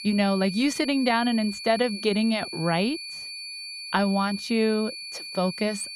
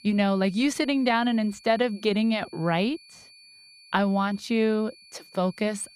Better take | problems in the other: second | high-pitched whine; loud; throughout; 4.5 kHz, 9 dB below the speech; faint in the second

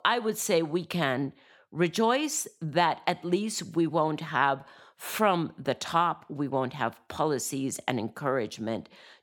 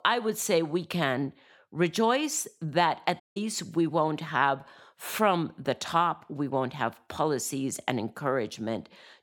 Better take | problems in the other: first | audio cutting out; at 3 s

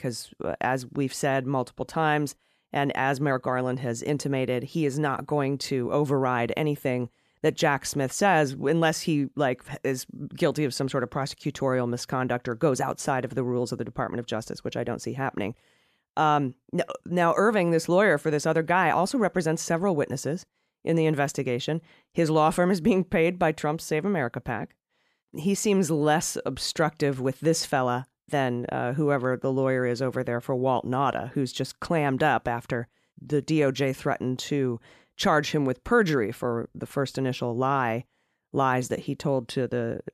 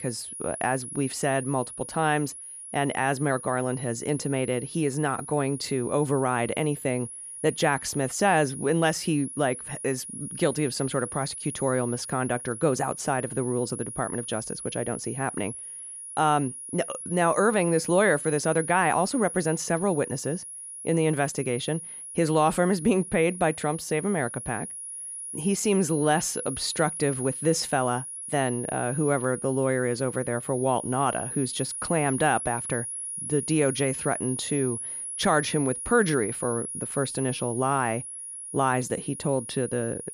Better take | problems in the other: first | high-pitched whine; loud; throughout; 10.5 kHz, 8 dB below the speech

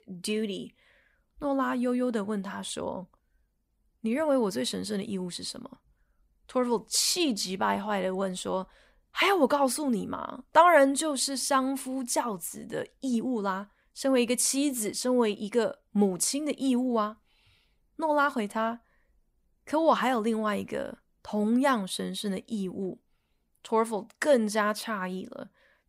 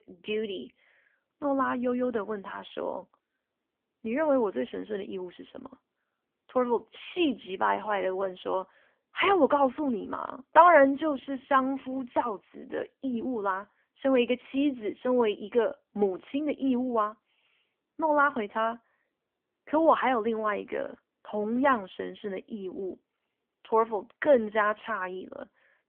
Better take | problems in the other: first | phone-call audio; poor line; nothing above 3.5 kHz

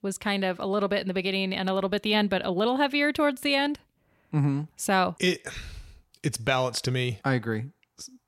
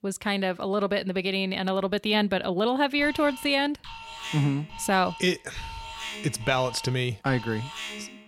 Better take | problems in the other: first | alarm; noticeable; from 3 s on; peak 8 dB below the speech

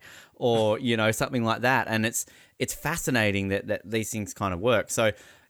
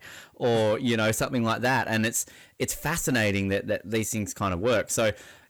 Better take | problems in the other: first | distortion; slight; 10 dB below the speech

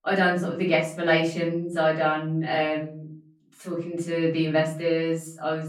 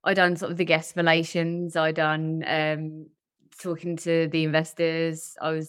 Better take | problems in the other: second | off-mic speech; far // room echo; slight; dies away in 0.4 s

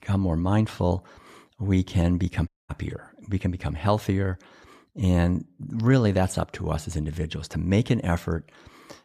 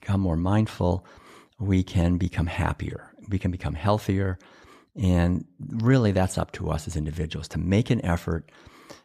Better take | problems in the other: second | audio cutting out; at 2.5 s

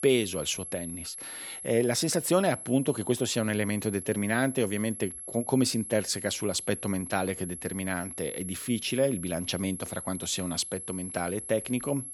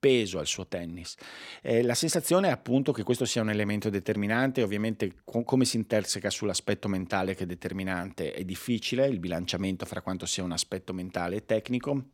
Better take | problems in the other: second | high-pitched whine; loud; throughout; 11 kHz, 9 dB below the speech

